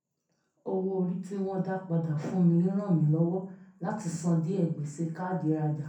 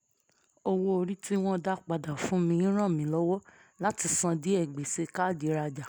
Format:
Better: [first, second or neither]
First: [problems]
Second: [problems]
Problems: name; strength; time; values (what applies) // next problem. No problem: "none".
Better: second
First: room echo; dies away in 0.5 s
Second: none